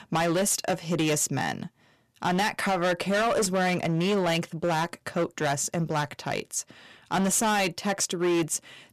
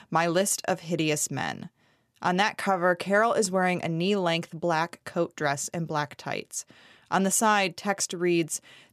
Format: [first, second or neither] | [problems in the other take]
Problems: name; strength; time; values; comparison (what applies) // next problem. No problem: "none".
second | distortion; heavy; 14% of the sound clipped